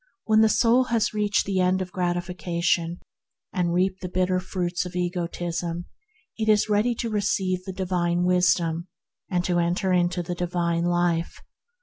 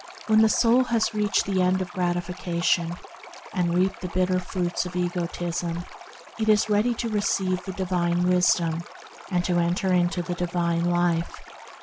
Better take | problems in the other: first | background sound (Stream); 17 dB below the speech

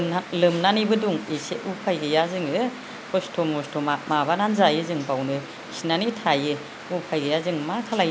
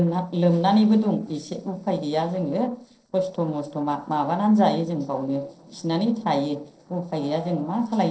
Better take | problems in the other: first | noise reduction (neural separator model SepFormer DNS4)

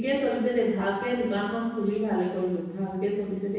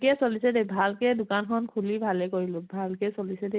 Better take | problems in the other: second | room echo; dies away in 1.1 s

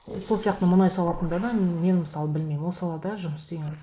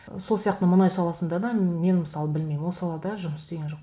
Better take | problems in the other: second | noise reduction (neural mask model Resemble Enhance denoiser)

